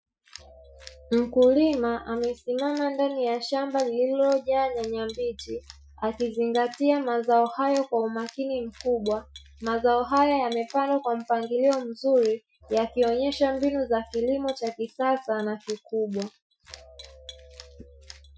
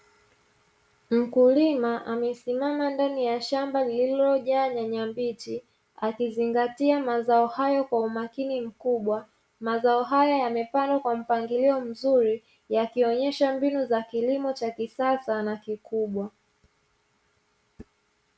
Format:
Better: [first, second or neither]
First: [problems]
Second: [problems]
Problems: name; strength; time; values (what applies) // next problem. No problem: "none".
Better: second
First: noise reduction (classical method Wiener filter)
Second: none